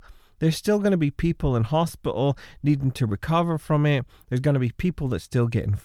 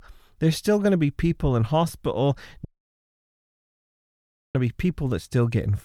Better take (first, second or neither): first